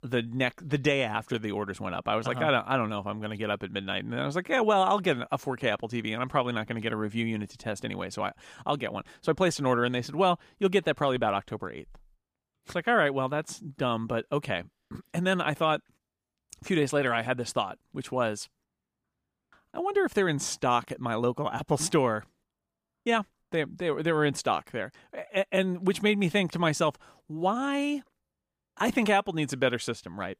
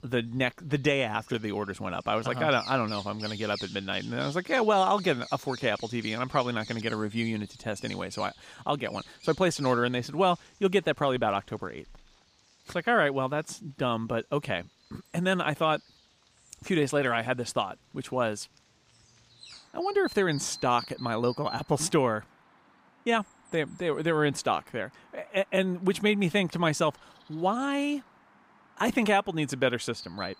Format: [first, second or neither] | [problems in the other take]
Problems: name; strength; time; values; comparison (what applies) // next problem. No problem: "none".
first | animal sounds; noticeable; throughout; 15 dB below the speech